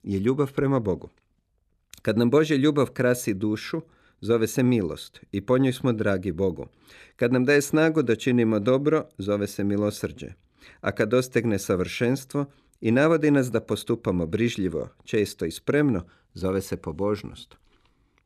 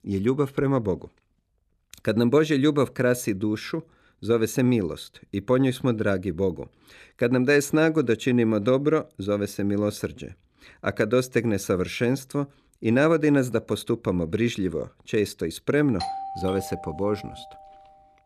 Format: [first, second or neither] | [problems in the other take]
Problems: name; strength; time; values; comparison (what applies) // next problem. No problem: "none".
first | doorbell; noticeable; from 16 to 18 s; peak 7 dB below the speech